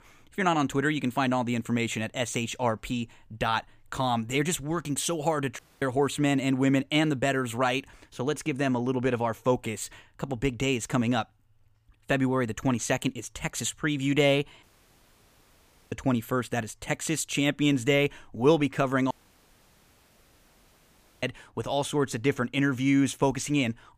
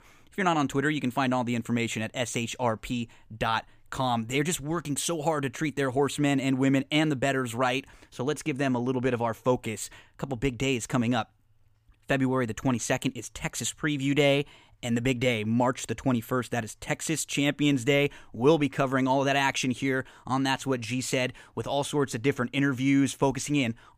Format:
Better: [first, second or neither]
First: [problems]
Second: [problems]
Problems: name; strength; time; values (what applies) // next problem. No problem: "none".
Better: second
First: audio cutting out; at 5.5 s, at 15 s for 1.5 s and at 19 s for 2 s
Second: none